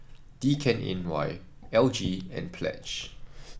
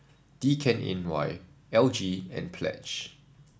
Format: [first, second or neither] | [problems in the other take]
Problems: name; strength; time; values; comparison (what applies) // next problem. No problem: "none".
second | background sound (Liquid); 13 dB below the speech